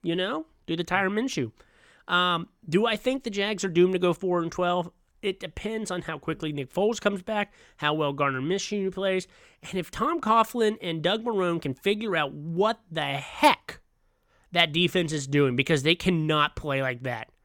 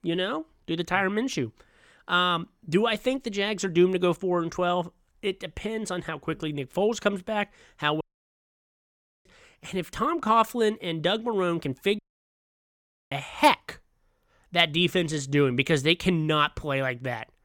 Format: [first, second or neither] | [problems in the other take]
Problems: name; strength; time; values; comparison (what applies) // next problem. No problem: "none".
first | audio cutting out; at 8 s for 1 s and at 12 s for 1 s